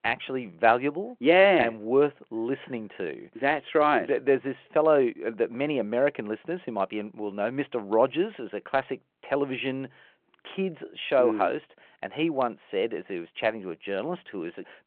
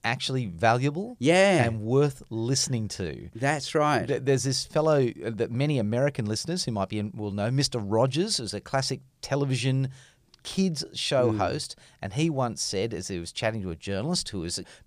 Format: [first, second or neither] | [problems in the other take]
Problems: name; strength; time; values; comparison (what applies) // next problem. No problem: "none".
second | phone-call audio